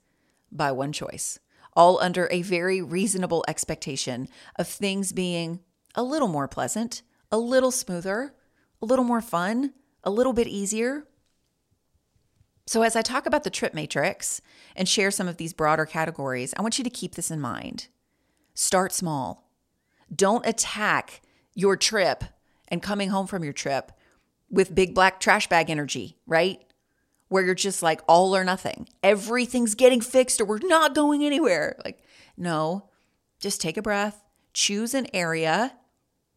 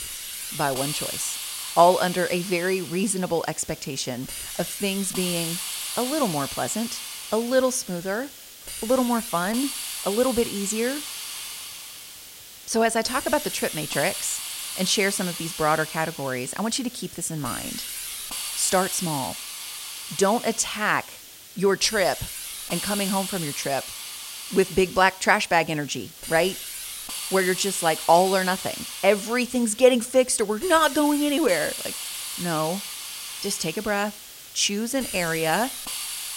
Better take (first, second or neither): first